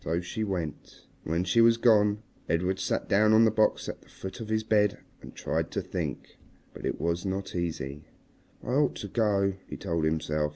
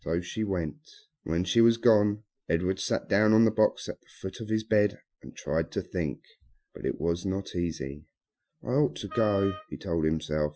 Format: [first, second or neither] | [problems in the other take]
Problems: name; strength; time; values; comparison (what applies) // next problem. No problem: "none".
first | noise reduction (classical method Wiener filter)